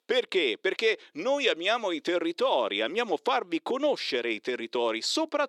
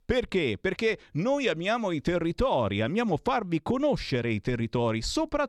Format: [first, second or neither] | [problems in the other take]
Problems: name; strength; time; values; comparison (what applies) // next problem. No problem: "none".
second | thin; somewhat; fading below 350 Hz